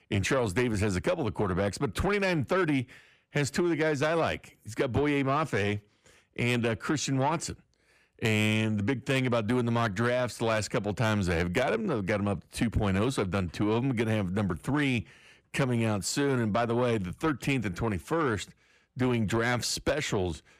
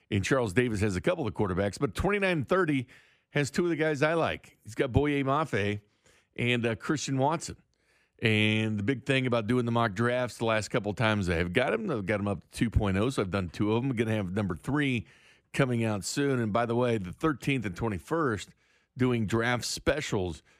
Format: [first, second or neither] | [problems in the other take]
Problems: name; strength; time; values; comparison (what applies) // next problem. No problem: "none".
second | distortion; slight; 10 dB below the speech